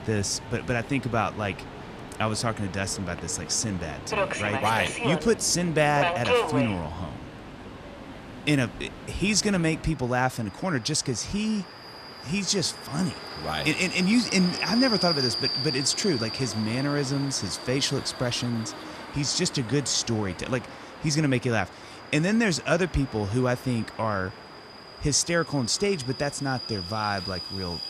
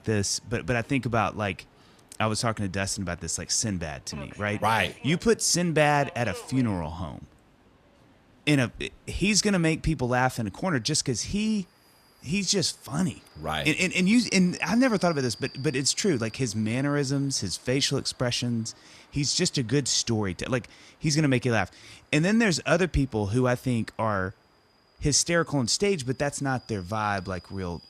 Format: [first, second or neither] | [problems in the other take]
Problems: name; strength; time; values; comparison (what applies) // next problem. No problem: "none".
second | train or aircraft noise; loud; throughout; 7 dB below the speech; faint in the second